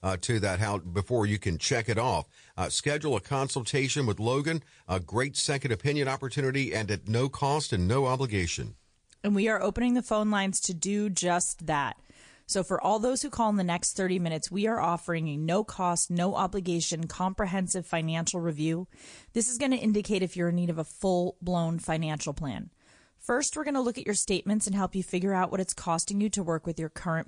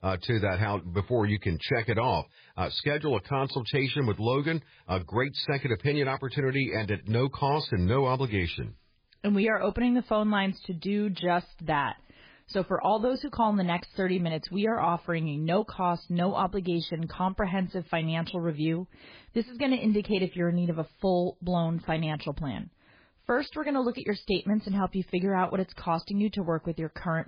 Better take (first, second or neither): first